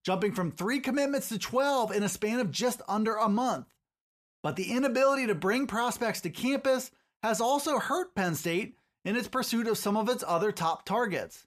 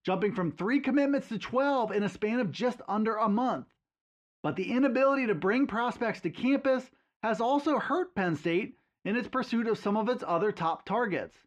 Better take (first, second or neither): first